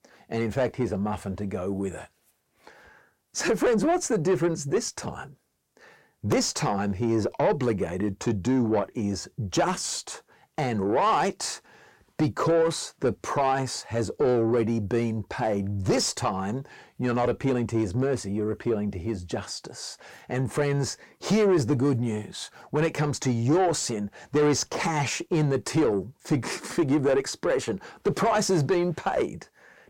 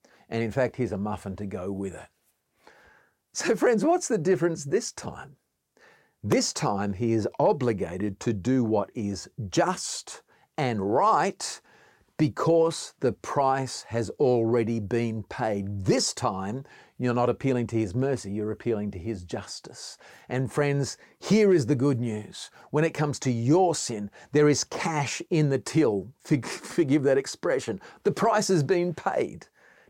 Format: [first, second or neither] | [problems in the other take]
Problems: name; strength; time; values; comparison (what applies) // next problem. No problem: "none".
second | distortion; slight; 10 dB below the speech